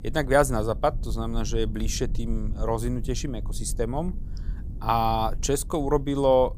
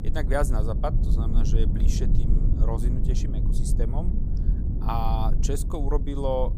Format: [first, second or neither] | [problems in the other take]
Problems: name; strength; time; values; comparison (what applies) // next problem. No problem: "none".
first | low rumble; loud; throughout; 8 dB below the speech; faint in the first